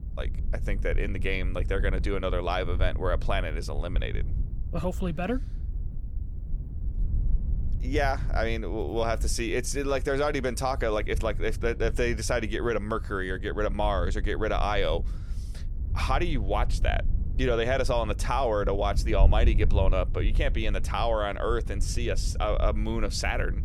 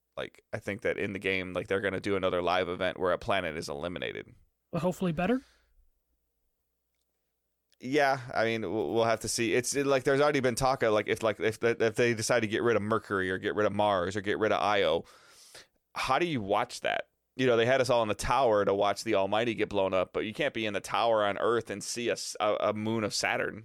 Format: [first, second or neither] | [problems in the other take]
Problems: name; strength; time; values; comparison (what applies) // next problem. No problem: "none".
second | wind noise on the microphone; occasional gusts; 20 dB below the speech